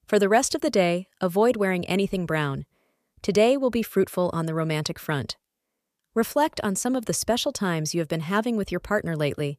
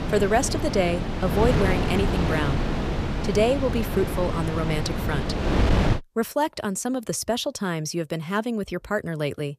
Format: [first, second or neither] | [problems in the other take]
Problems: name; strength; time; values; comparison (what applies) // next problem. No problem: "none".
first | wind noise on the microphone; heavy; until 6 s; 3 dB below the speech